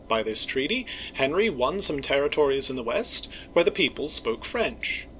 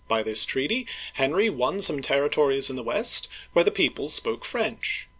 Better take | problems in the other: second | background sound (Engine); 19 dB below the speech

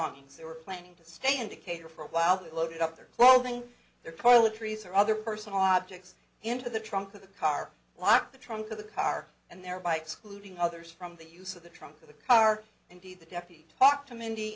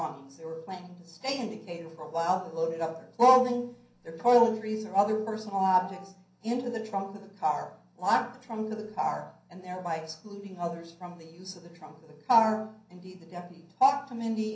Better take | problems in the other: first | background sound (Wind instrument, woodwind instrument); 18 dB below the speech // room echo; dies away in 0.6 s

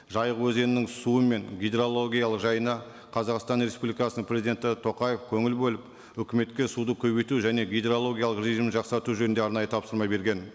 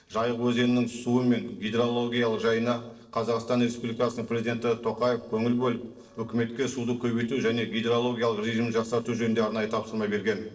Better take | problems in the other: first | noise reduction (neural separator model SepFormer DNS4)

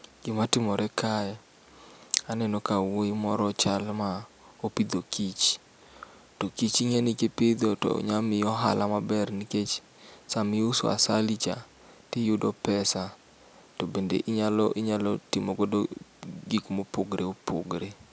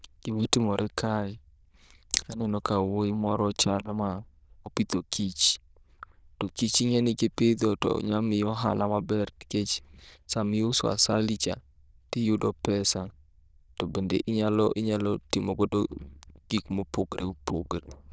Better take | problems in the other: first | noise reduction (neural diffusion model UNIVERSE++)

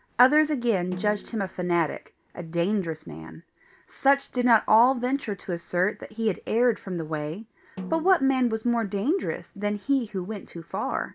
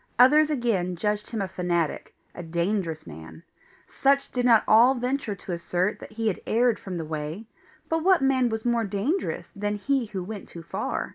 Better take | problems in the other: second | background sound (Snare drum); 17 dB below the speech

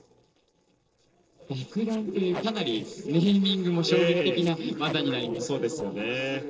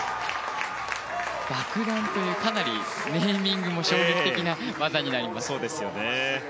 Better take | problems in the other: second | noise reduction (neural separator model SepFormer DNS4)

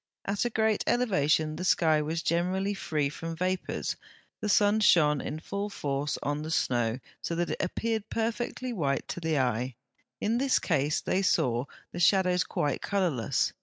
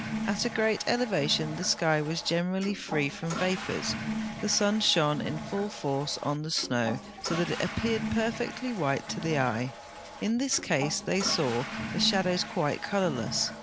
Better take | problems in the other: first | background sound (Toilet flush / Water); 8 dB below the speech

